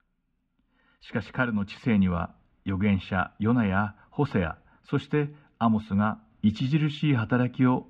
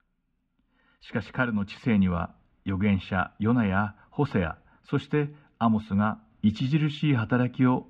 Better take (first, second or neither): neither